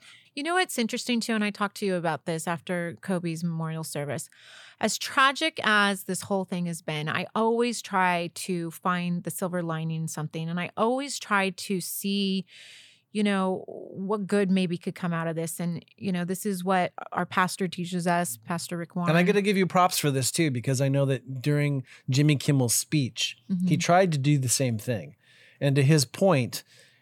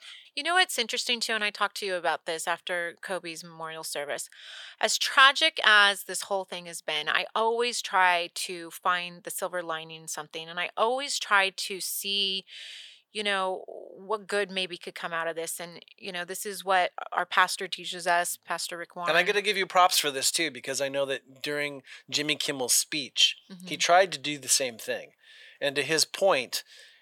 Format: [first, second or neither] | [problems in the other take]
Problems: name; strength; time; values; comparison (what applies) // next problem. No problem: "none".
first | thin; very; fading below 600 Hz